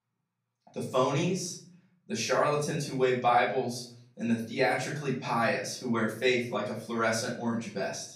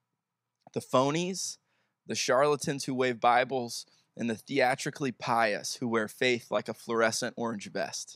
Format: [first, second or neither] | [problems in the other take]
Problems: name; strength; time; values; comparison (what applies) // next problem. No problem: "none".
second | off-mic speech; far // room echo; noticeable; dies away in 0.5 s